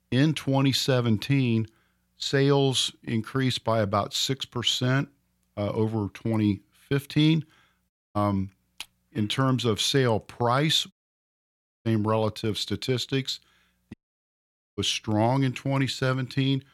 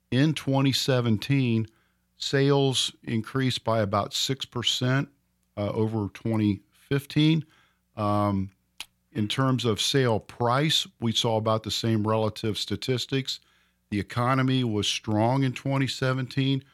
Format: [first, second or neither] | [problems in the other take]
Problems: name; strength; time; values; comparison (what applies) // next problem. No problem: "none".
second | audio cutting out; at 8 s, at 11 s for 1 s and at 14 s for 1 s